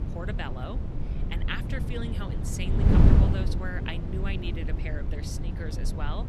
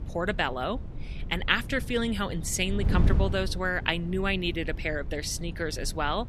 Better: second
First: wind noise on the microphone; heavy; as loud as the speech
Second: wind noise on the microphone; occasional gusts; 15 dB below the speech

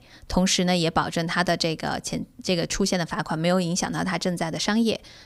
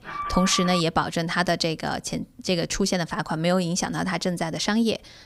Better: first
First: none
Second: alarm; noticeable; at the start; peak 5 dB below the speech

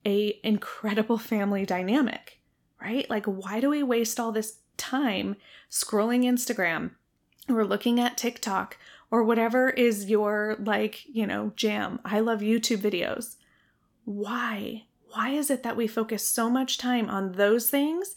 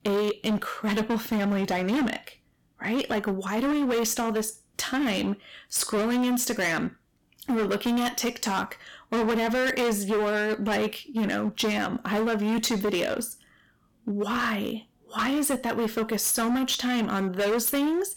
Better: first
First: none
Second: distortion; heavy; 21% of the sound clipped

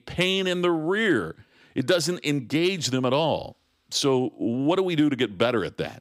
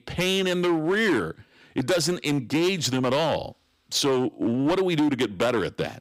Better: first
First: none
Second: distortion; slight; 11% of the sound clipped

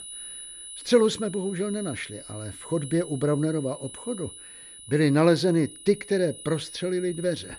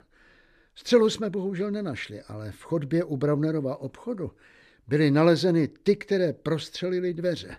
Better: second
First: high-pitched whine; noticeable; throughout; 10 kHz, 15 dB below the speech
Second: none

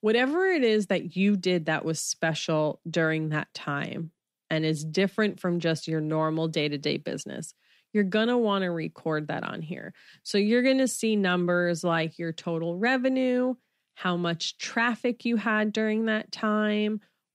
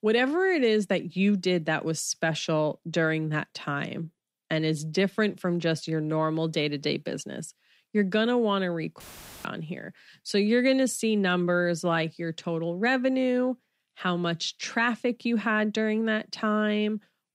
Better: first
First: none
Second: audio cutting out; filled with static; at 9 s

